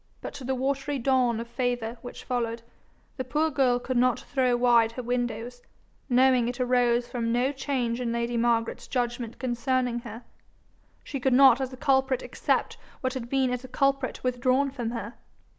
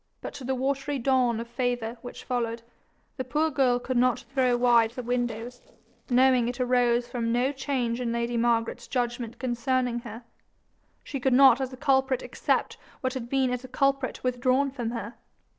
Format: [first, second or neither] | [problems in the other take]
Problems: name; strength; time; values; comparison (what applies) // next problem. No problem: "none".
first | noise reduction (neural separator model SepFormer DNS4)